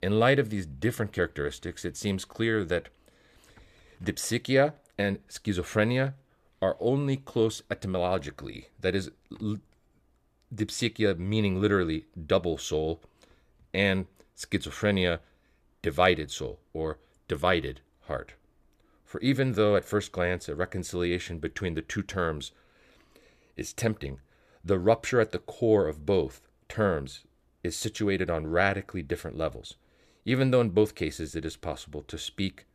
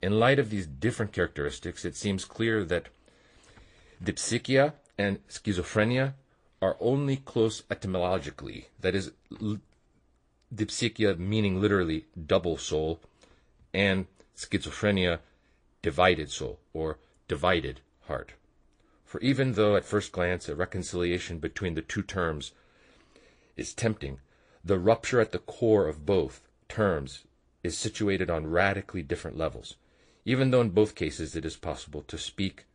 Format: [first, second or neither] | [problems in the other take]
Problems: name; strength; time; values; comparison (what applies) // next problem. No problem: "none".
first | garbled, watery; slightly; nothing above 9 kHz